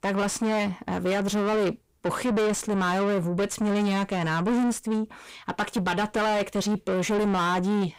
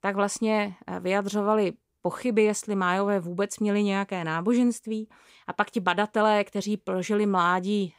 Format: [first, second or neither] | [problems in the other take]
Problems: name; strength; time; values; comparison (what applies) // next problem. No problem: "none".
second | distortion; heavy; 5 dB below the speech